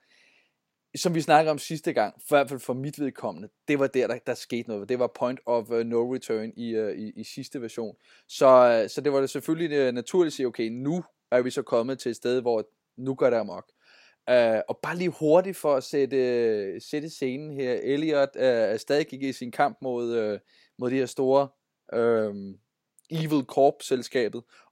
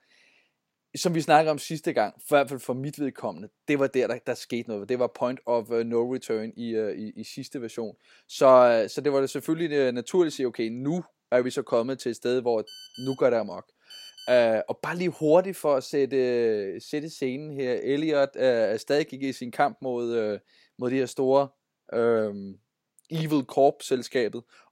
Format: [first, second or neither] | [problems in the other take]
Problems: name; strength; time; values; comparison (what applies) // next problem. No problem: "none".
first | phone ringing; faint; from 13 to 14 s; peak 15 dB below the speech